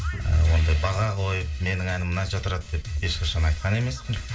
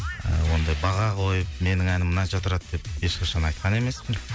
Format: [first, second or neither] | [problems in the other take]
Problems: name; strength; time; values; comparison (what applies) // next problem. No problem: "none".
second | background sound (Bowed string instrument); 19 dB below the speech // room echo; dies away in 0.2 s